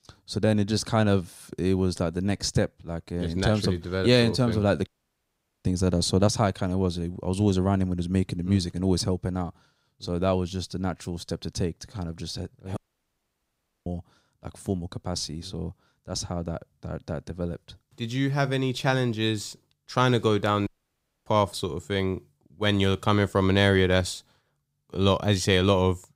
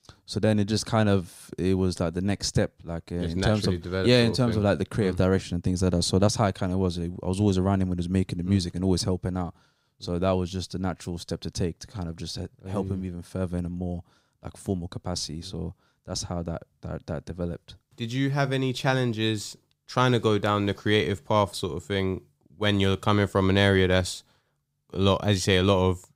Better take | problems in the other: second | audio cutting out; at 5 s for 1 s, at 13 s for 1 s and at 21 s for 0.5 s

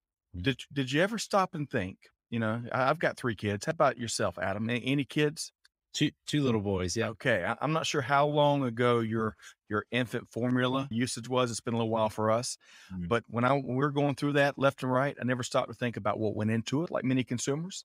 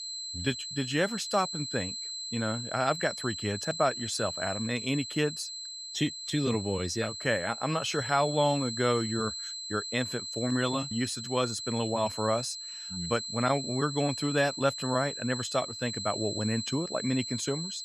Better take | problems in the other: first | high-pitched whine; loud; throughout; 4 kHz, 5 dB below the speech

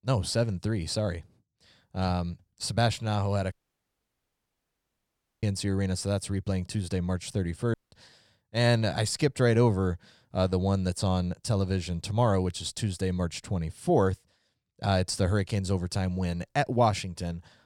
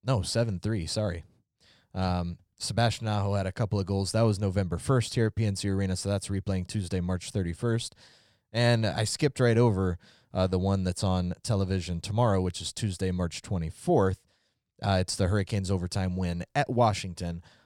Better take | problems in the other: second | audio cutting out; at 3.5 s for 2 s and at 7.5 s

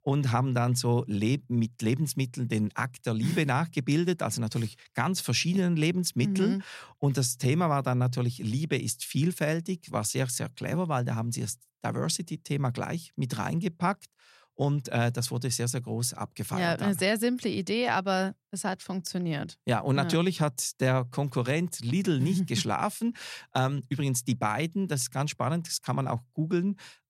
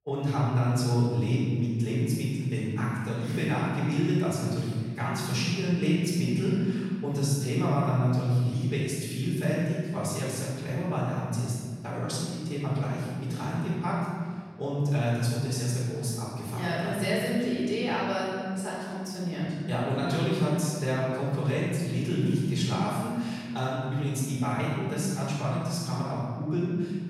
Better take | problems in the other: first | off-mic speech; far // room echo; strong; dies away in 1.9 s

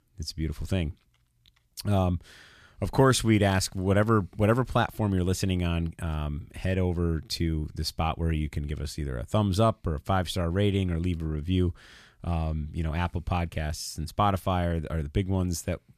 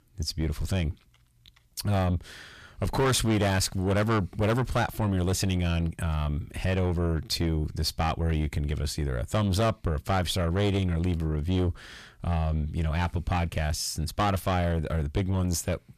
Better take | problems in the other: first | distortion; heavy; 7 dB below the speech

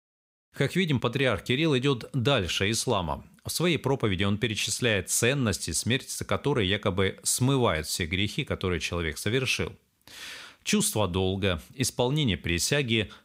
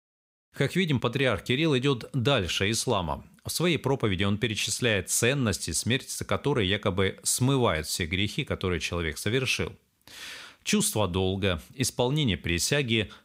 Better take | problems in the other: neither | none

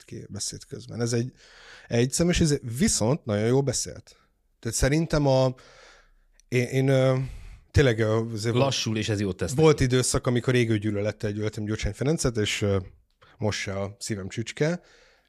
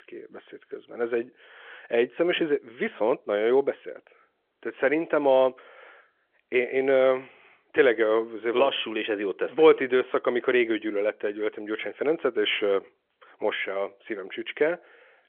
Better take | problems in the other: first | phone-call audio; nothing above 3.5 kHz

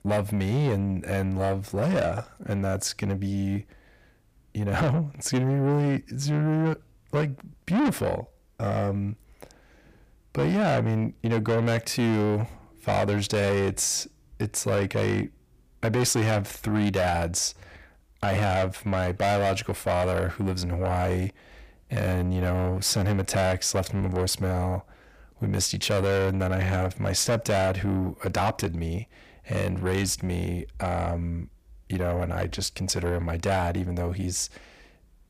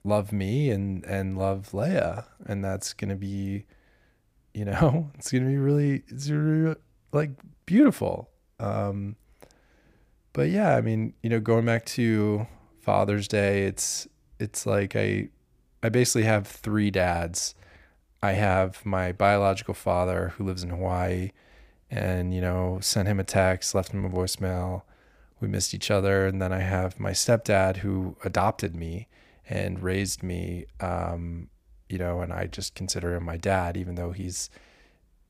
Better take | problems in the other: second | distortion; heavy; 7 dB below the speech

